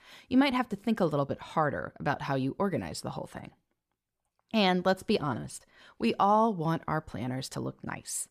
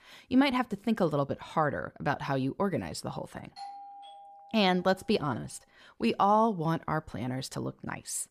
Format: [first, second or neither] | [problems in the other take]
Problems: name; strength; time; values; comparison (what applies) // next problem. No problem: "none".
first | doorbell; faint; from 3.5 to 5 s; peak 15 dB below the speech